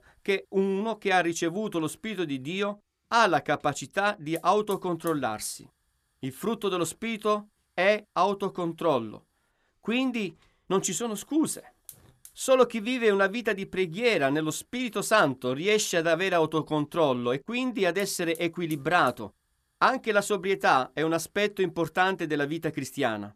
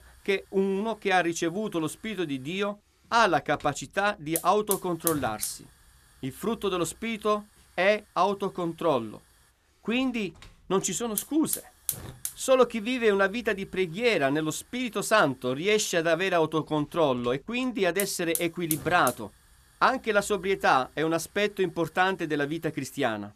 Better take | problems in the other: first | hiss; loud; throughout; 7 dB below the speech; faint in the first

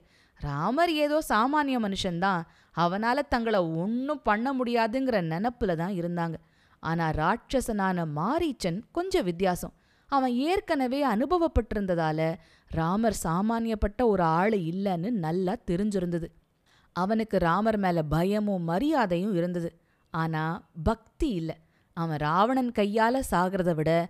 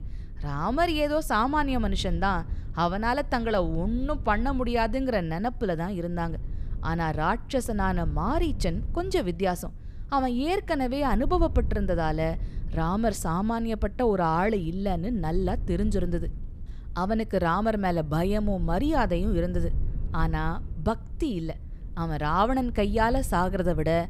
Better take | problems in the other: first | low rumble; faint; throughout; 25 dB below the speech

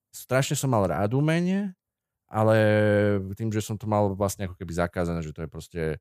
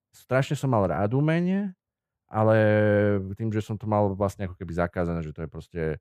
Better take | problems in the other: first | muffled; slightly; fading above 3.5 kHz

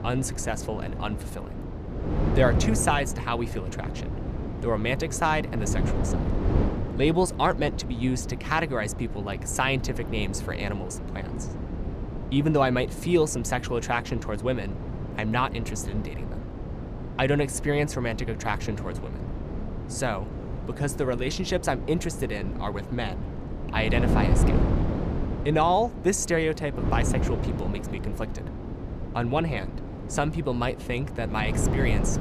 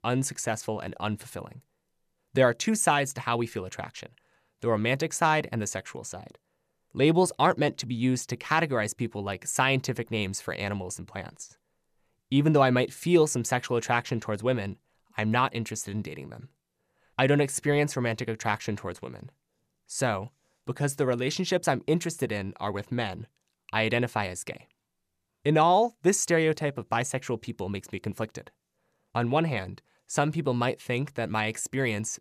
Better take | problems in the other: second | wind noise on the microphone; heavy; 10 dB below the speech

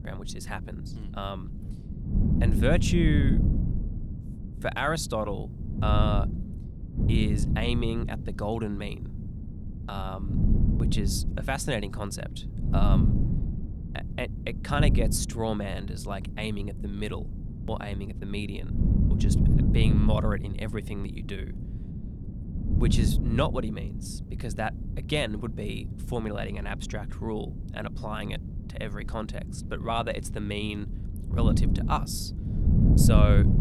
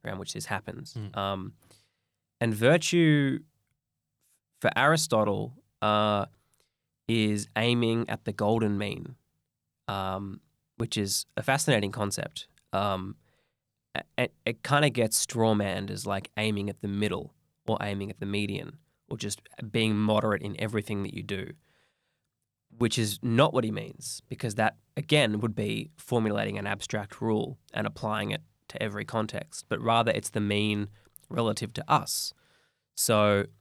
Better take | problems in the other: second | wind noise on the microphone; heavy; 7 dB below the speech

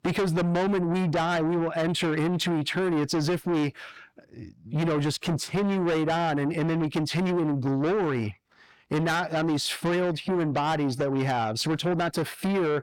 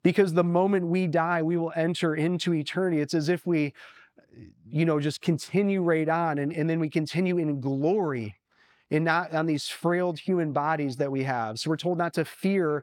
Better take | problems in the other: second | distortion; heavy; 7 dB below the speech

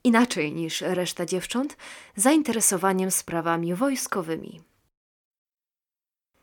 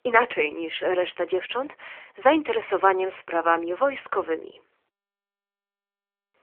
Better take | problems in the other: first | phone-call audio; nothing above 3.5 kHz

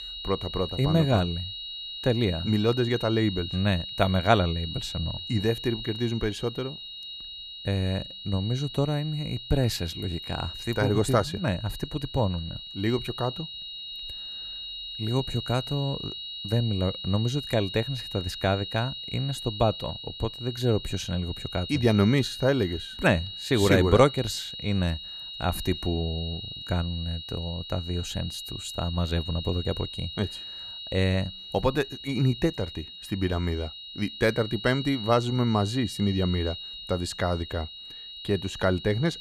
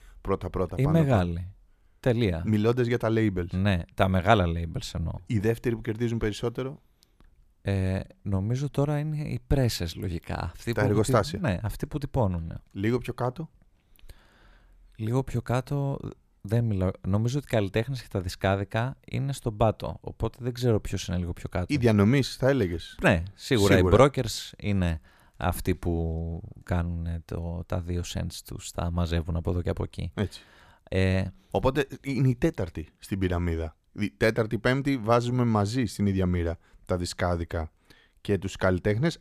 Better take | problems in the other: second | high-pitched whine; loud; throughout; 4 kHz, 9 dB below the speech

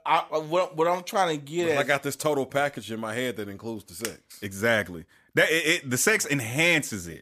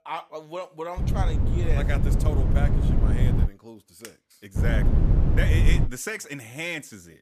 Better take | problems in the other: first | low rumble; loud; from 1 to 3.5 s and from 4.5 to 6 s; 3 dB below the speech

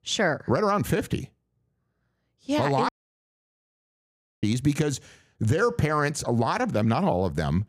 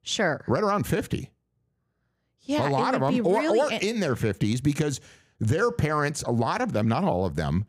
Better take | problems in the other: second | audio cutting out; at 3 s for 1.5 s

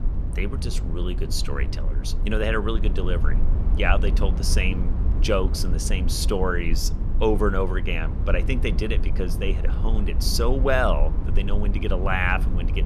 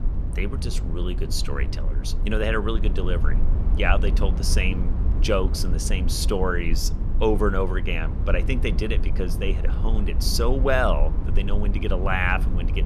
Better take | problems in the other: neither | low rumble; noticeable; throughout; 15 dB below the speech; the same in both

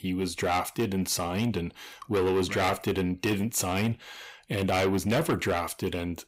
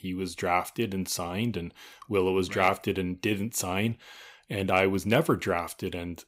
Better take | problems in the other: second | distortion; heavy; 7 dB below the speech

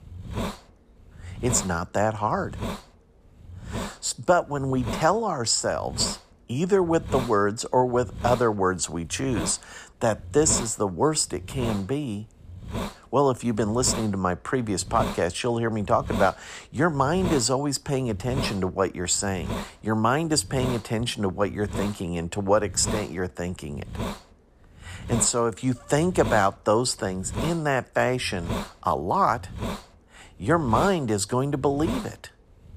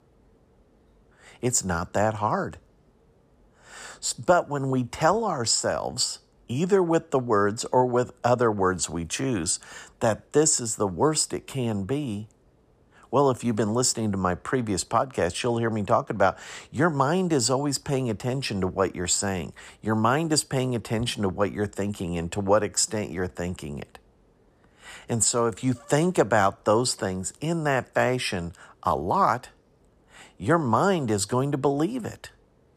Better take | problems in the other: second | hiss; noticeable; throughout; 10 dB below the speech

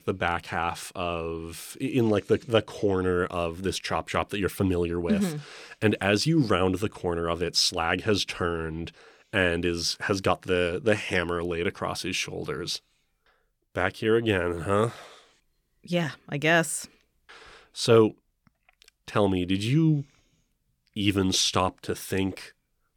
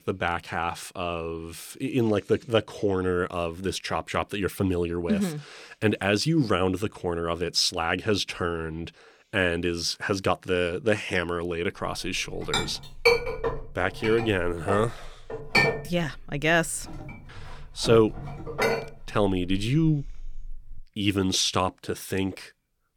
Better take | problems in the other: first | clattering dishes; loud; from 12 to 21 s; peak 5 dB above the speech

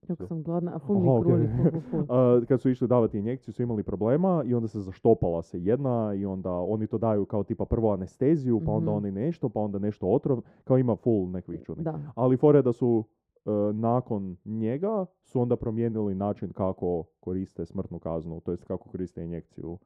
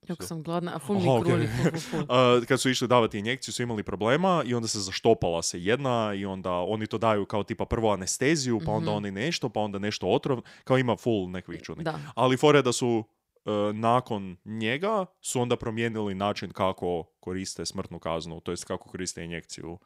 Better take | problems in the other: second | muffled; very; fading above 1.5 kHz

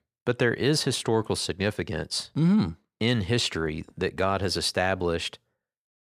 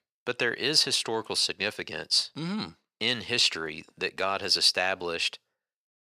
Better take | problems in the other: first | thin; somewhat; fading below 700 Hz

